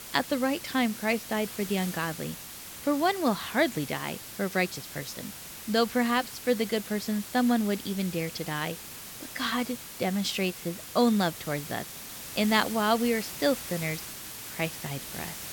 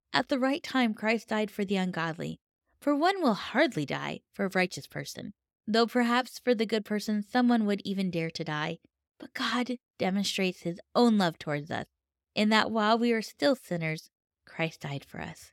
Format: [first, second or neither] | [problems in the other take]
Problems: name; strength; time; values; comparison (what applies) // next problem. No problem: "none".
second | hiss; loud; throughout; 10 dB below the speech